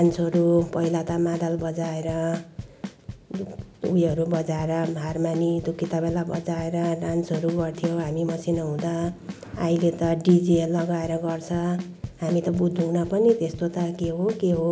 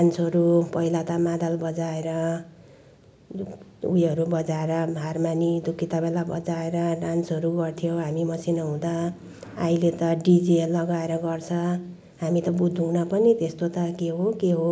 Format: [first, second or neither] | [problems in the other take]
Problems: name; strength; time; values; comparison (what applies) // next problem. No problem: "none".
second | background sound (Bass drum / Snare drum / Drum kit); 14 dB below the speech